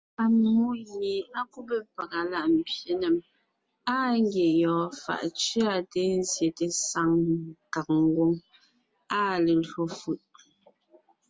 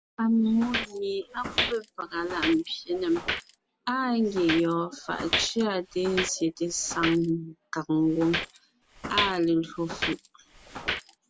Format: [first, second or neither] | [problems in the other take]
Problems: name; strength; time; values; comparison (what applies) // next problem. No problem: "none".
first | background sound (Walk, footsteps); 7 dB below the speech